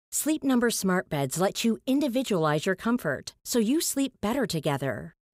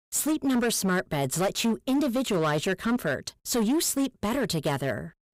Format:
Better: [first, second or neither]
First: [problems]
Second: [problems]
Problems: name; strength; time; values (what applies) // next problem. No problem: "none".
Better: first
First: none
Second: distortion; slight; 14% of the sound clipped